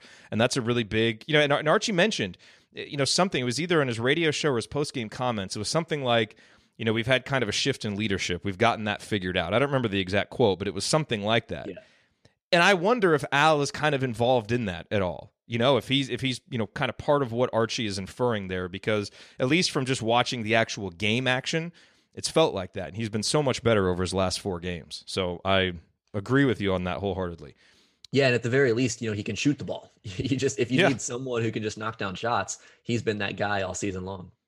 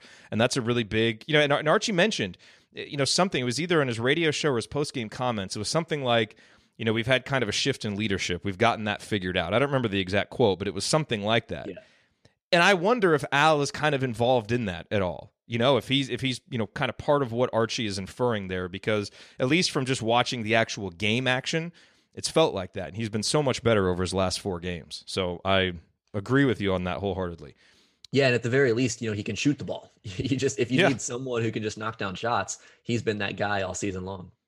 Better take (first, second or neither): neither